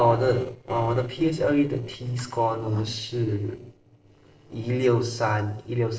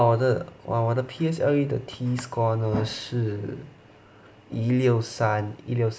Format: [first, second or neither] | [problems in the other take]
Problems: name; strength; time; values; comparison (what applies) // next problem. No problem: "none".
second | noise reduction (neural separator model SepFormer DNS4)